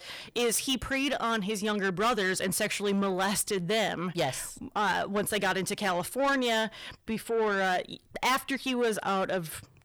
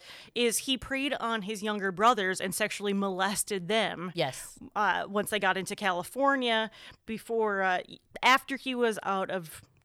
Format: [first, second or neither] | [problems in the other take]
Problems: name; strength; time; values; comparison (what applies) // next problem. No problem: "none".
second | distortion; heavy; 7 dB below the speech